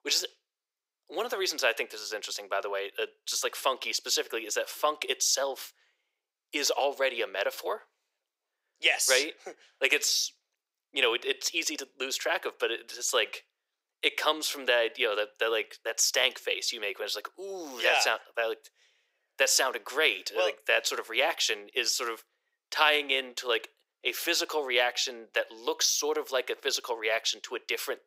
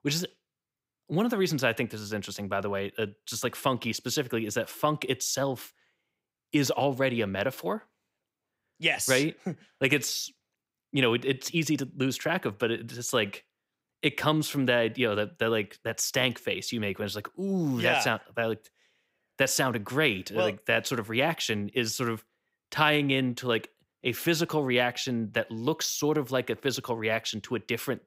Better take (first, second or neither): second